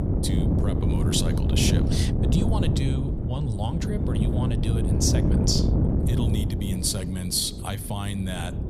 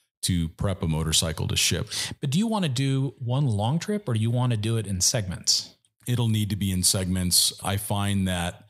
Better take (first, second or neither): second